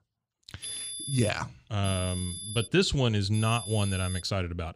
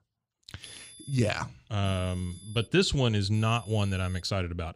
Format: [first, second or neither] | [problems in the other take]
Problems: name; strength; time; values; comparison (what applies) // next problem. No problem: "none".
second | high-pitched whine; loud; at 0.5 s, at 2 s and at 3.5 s; 11 kHz, 9 dB below the speech; faint in the second